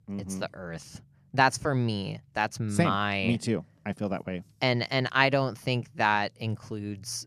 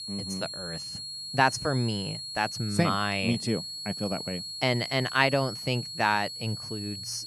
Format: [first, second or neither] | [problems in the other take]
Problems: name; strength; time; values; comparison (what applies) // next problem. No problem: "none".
first | high-pitched whine; loud; throughout; 4.5 kHz, 7 dB below the speech